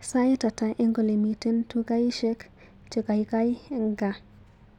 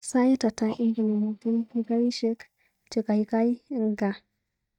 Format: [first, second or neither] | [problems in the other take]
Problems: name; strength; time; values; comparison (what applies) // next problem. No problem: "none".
first | noise reduction (neural mask model DeepFilterNet 3)